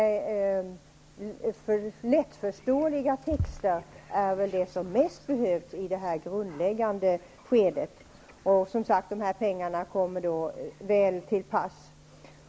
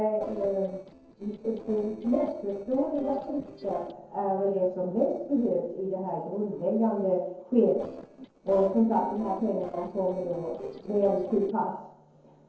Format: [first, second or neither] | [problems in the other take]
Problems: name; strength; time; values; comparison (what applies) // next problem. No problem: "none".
first | noise reduction (neural separator model SepFormer DNS4)